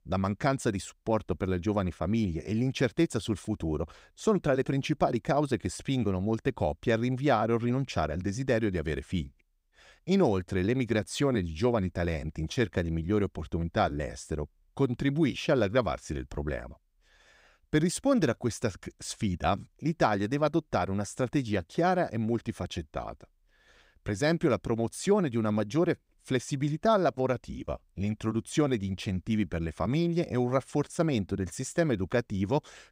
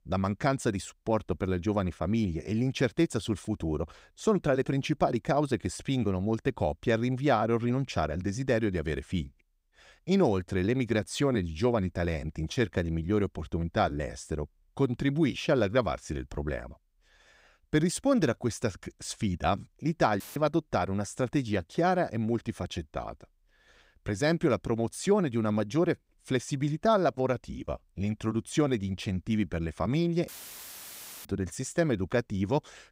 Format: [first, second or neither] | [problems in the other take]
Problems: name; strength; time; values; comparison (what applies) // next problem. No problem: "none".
first | audio cutting out; filled with static; at 20 s and at 30 s for 1 s